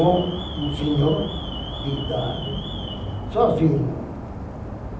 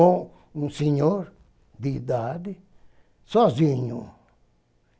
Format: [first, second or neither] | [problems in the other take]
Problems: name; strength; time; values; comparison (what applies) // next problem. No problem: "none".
second | background sound (Alarm); 6 dB below the speech // room echo; dies away in 0.6 s